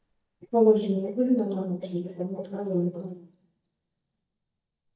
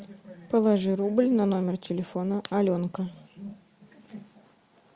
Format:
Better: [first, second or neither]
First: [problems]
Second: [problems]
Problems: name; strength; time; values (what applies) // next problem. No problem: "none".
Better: second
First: noise reduction (neural mask model DeepFilterNet 3)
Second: none